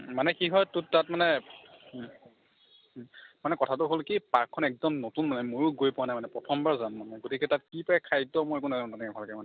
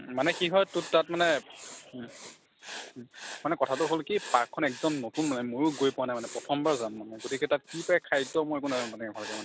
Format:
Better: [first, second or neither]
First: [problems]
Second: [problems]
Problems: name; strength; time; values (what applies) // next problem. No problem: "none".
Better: first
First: none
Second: background sound (Writing); 15 dB below the speech